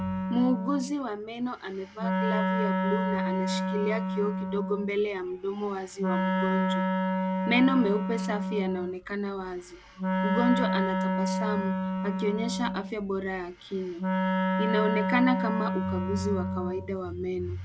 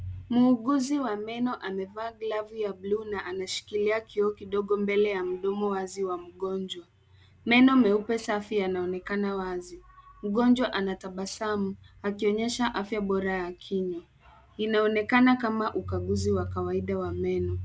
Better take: second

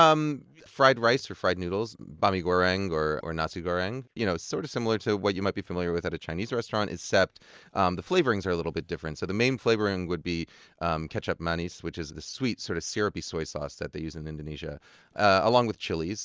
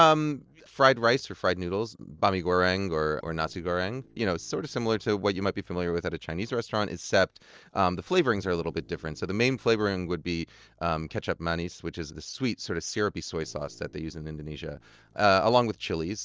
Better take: first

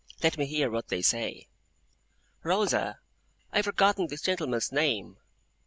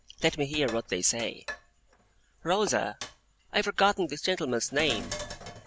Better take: first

